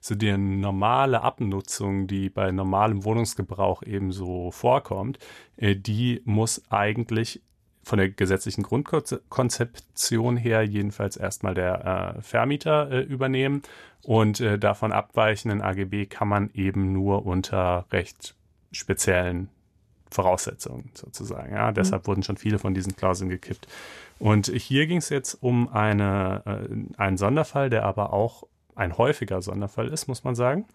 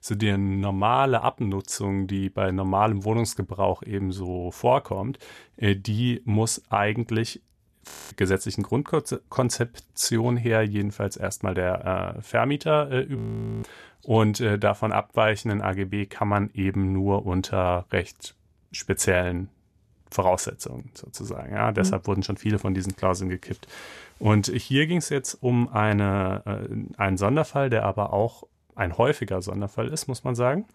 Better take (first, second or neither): first